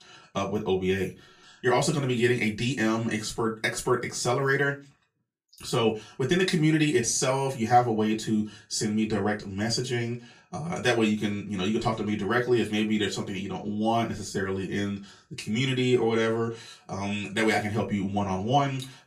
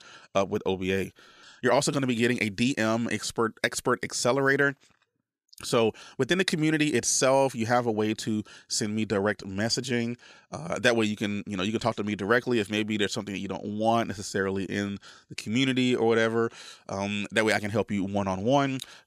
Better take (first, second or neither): second